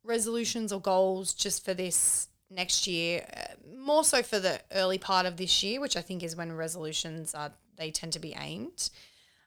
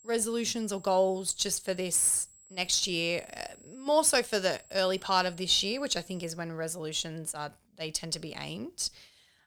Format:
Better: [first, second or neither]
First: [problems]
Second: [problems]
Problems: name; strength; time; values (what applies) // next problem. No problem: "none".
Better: first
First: none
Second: high-pitched whine; faint; until 6.5 s; 7.5 kHz, 25 dB below the speech